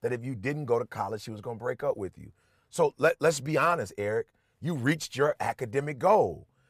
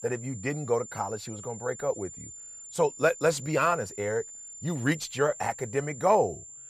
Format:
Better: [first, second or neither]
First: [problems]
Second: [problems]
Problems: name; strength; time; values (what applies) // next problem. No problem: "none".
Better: first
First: none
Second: high-pitched whine; noticeable; throughout; 7 kHz, 15 dB below the speech